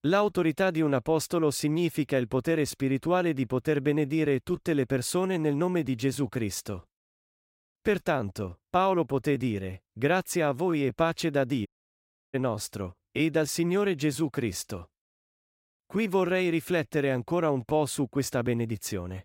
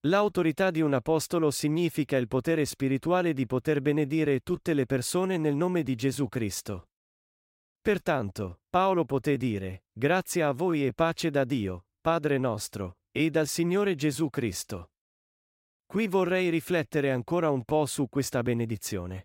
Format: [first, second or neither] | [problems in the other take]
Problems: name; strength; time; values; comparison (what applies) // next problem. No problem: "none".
second | audio cutting out; at 12 s for 0.5 s